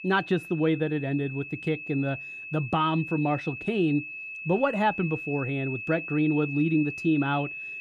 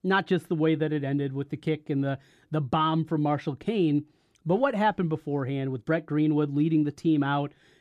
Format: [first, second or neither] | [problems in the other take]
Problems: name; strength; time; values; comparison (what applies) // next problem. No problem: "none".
second | high-pitched whine; loud; throughout; 2.5 kHz, 8 dB below the speech